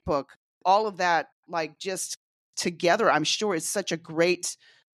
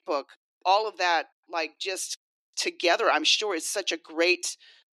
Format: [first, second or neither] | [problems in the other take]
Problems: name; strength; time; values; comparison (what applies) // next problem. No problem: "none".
first | thin; somewhat; fading below 300 Hz